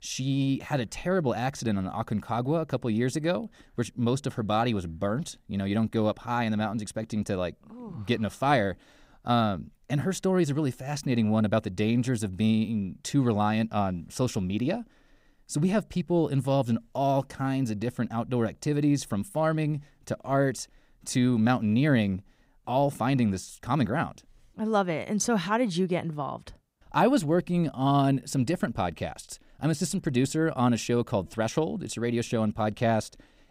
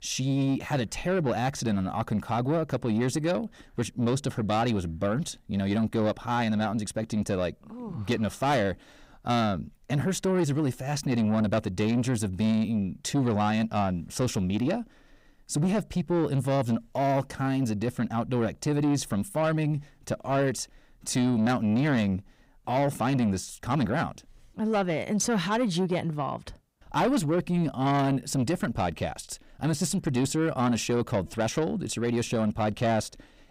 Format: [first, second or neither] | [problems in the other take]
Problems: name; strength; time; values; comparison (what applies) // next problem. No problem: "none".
first | distortion; slight; 10 dB below the speech